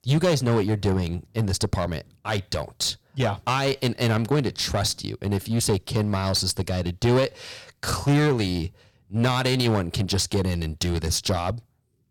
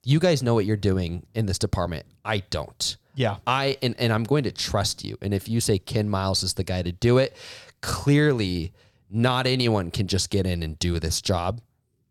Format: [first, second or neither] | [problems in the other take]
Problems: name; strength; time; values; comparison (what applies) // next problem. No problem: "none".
second | distortion; slight; 8% of the sound clipped